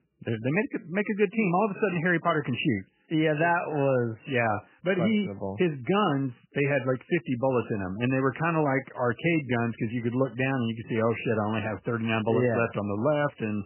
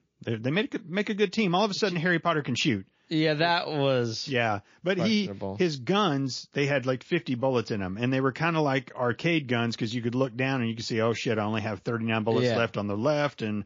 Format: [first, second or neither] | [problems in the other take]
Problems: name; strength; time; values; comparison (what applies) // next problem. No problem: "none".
second | garbled, watery; badly; nothing above 3 kHz; slightly in the second